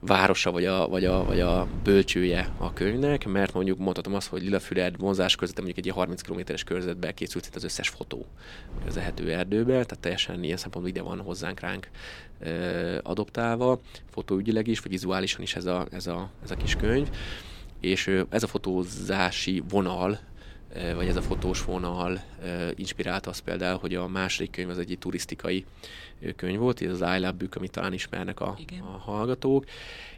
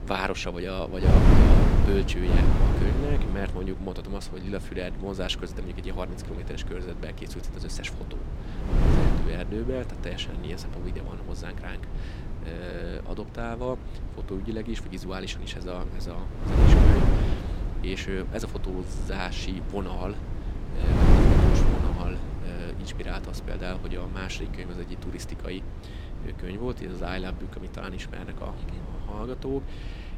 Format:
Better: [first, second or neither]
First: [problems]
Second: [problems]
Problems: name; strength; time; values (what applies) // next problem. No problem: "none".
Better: first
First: wind noise on the microphone; occasional gusts; 20 dB below the speech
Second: wind noise on the microphone; heavy; 1 dB above the speech